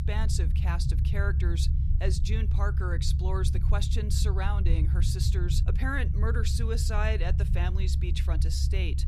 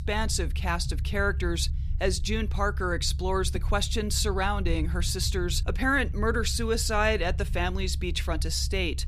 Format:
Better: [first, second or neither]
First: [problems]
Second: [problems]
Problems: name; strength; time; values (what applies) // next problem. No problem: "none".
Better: second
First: low rumble; loud; throughout; 8 dB below the speech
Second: low rumble; faint; throughout; 20 dB below the speech